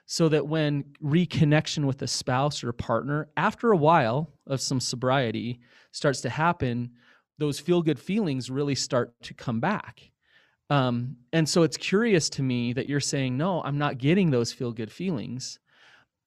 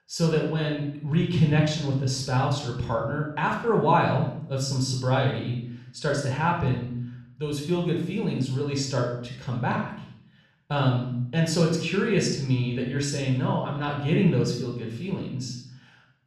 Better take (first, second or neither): first